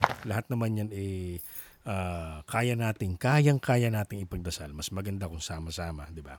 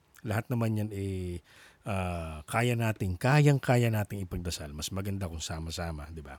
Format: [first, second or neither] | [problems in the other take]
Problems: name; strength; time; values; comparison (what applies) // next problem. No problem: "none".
second | footsteps; loud; at the start; peak 1 dB above the speech // jangling keys; faint; at 1 s; peak 10 dB below the speech